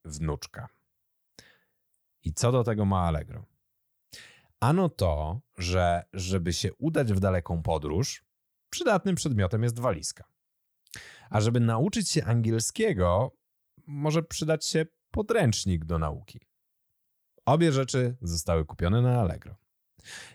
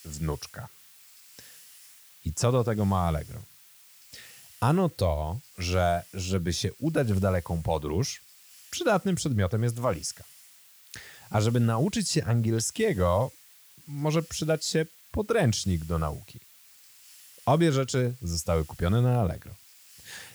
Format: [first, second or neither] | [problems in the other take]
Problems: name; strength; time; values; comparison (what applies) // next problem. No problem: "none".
first | hiss; faint; throughout; 25 dB below the speech